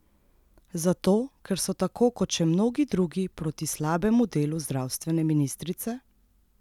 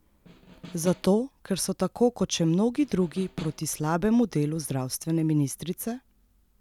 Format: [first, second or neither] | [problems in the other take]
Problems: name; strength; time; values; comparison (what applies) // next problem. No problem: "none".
first | background sound (Snare drum); 16 dB below the speech